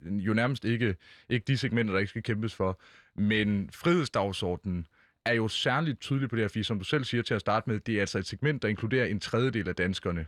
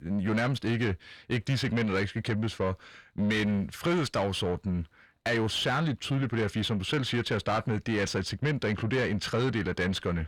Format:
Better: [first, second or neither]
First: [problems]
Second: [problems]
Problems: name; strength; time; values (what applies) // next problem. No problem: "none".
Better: first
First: none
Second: distortion; slight; 10 dB below the speech